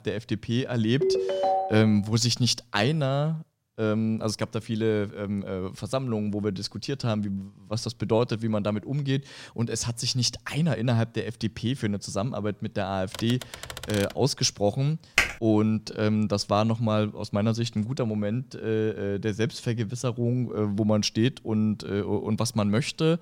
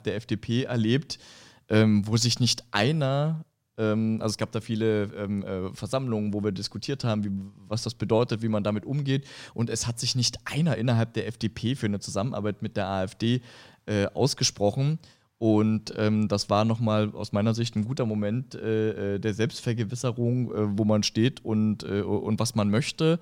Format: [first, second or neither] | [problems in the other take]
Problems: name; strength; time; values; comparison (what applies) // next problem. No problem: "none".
second | phone ringing; loud; at 1 s; peak 2 dB above the speech // keyboard typing; noticeable; from 13 to 14 s; peak 9 dB below the speech // keyboard typing; loud; at 15 s; peak 3 dB above the speech